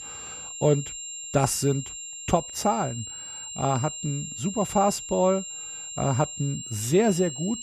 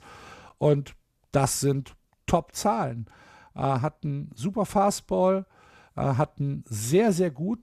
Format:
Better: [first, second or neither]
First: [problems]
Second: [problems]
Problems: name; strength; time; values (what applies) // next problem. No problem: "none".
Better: second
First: high-pitched whine; loud; throughout; 7.5 kHz, 9 dB below the speech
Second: none